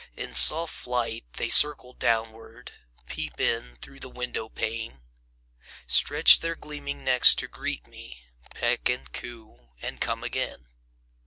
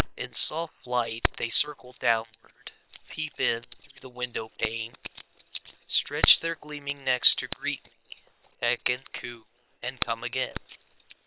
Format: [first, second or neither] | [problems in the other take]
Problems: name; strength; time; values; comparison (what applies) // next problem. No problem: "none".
first | noise reduction (neural separator model SepFormer WHAM!)